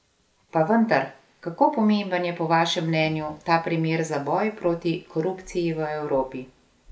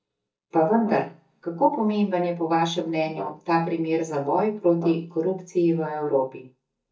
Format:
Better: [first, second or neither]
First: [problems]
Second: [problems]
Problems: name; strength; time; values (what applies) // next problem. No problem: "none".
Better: first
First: none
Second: noise reduction (neural mask model DeepFilterNet 3)